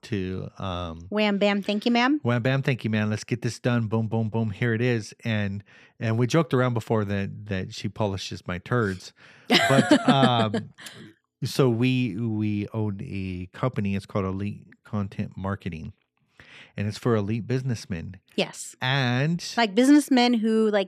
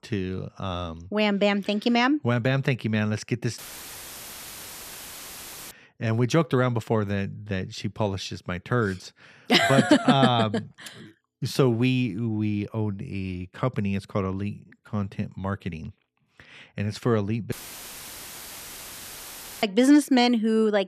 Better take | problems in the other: first | audio cutting out; filled with static; at 3.5 s for 2 s and at 18 s for 2 s

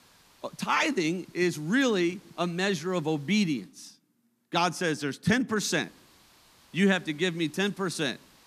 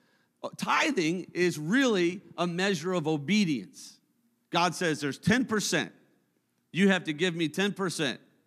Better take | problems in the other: second | hiss; faint; until 3.5 s and from 5.5 s on; 30 dB below the speech

